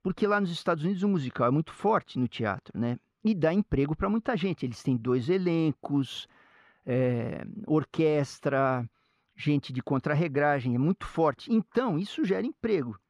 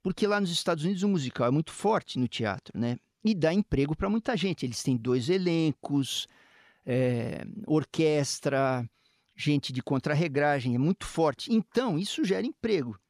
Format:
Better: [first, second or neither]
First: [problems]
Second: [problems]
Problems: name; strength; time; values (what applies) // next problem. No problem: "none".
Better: second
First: muffled; slightly; fading above 3.5 kHz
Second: none